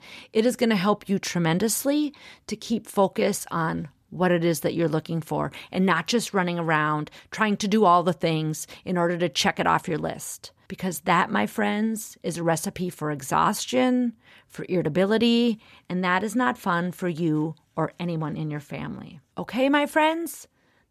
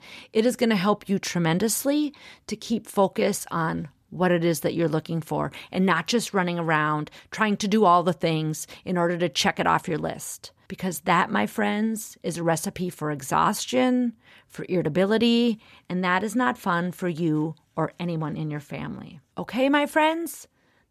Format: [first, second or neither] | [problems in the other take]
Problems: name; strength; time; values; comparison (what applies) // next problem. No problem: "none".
neither | none